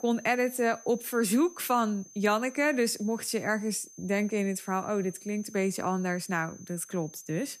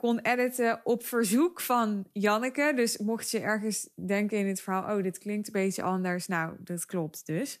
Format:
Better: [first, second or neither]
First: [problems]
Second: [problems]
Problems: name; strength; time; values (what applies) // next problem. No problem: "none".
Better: second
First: high-pitched whine; noticeable; throughout; 6 kHz, 20 dB below the speech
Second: none